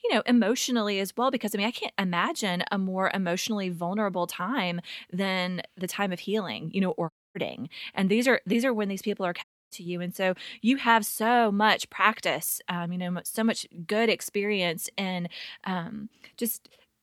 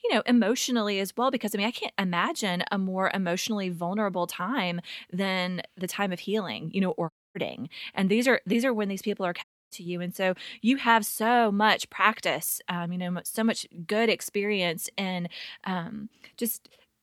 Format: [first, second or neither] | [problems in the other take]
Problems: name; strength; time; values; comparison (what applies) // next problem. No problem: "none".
neither | audio cutting out; at 7 s and at 9.5 s; the same in both